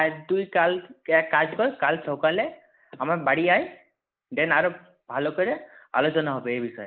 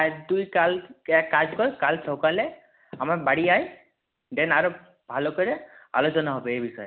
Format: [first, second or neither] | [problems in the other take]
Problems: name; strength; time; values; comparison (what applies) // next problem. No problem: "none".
second | noise reduction (neural mask model Resemble Enhance denoiser)